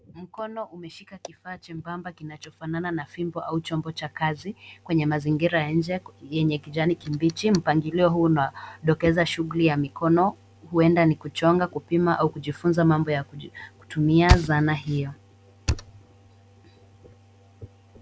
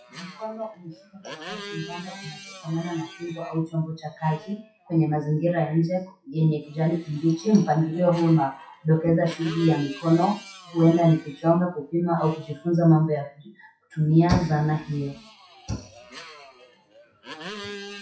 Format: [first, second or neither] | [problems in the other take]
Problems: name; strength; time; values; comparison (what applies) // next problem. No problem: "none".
first | noise reduction (classical method WPE with log-MMSE)